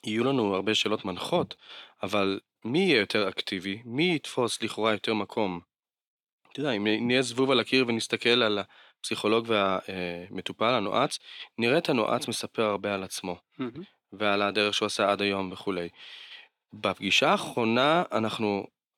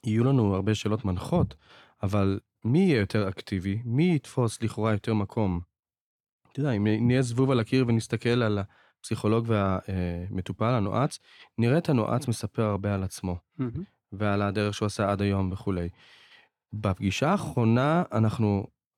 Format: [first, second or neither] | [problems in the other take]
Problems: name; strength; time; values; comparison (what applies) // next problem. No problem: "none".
second | thin; somewhat; fading below 300 Hz